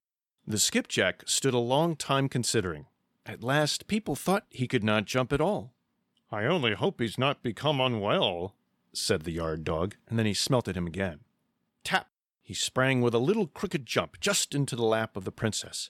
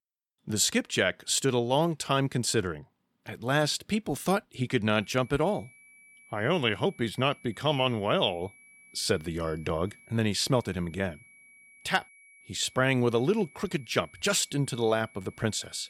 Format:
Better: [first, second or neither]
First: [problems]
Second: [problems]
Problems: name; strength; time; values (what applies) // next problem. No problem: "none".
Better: first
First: none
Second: high-pitched whine; faint; from 5 s on; 2.5 kHz, 25 dB below the speech